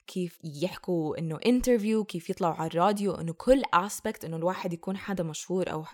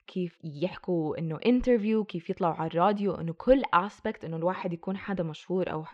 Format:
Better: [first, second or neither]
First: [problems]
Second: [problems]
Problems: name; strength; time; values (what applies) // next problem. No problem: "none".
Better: first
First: none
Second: muffled; slightly; fading above 3.5 kHz